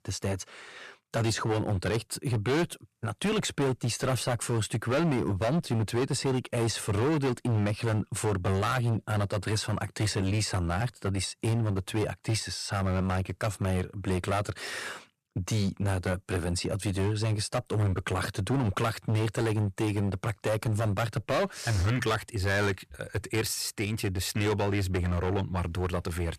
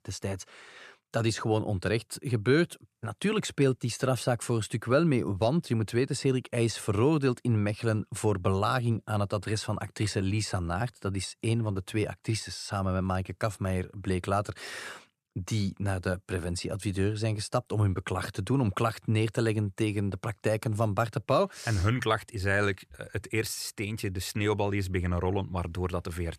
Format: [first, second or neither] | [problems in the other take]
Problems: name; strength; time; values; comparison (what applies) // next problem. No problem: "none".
second | distortion; heavy; 14% of the sound clipped